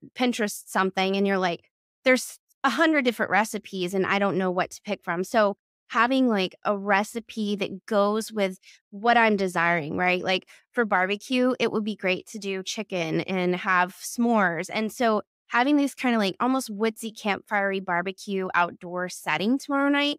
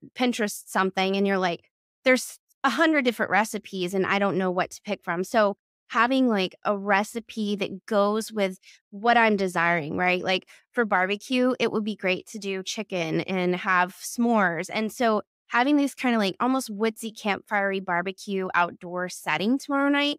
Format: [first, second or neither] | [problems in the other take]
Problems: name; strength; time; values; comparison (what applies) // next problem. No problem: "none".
neither | none